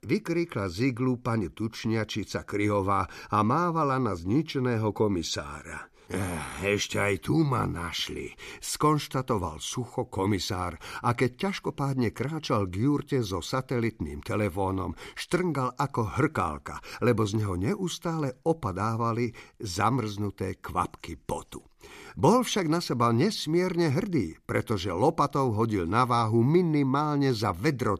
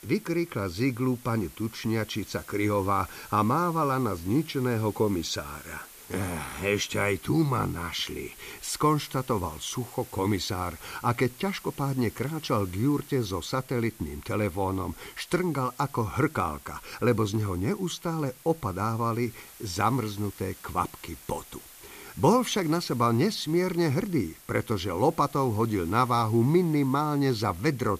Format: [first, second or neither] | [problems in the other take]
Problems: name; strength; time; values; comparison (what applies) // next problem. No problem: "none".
first | hiss; noticeable; throughout; 20 dB below the speech